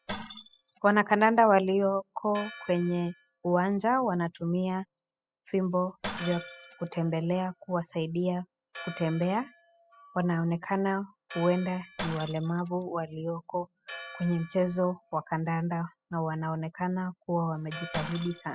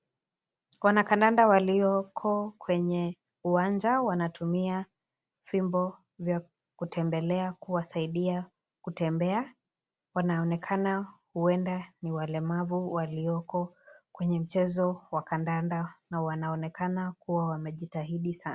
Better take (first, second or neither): second